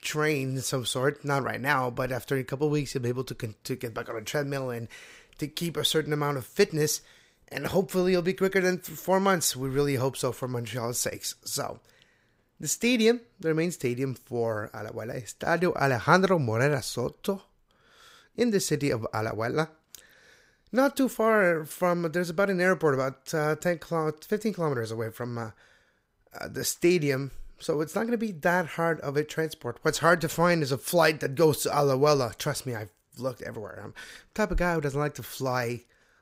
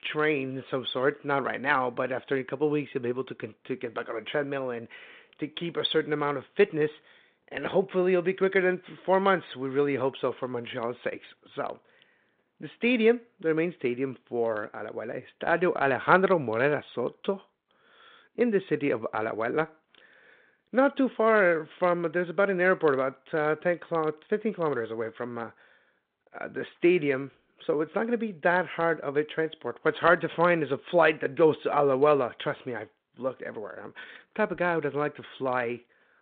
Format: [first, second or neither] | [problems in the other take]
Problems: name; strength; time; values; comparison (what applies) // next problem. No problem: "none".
first | phone-call audio; nothing above 3.5 kHz